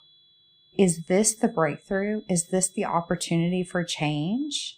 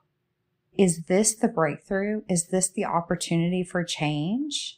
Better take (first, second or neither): second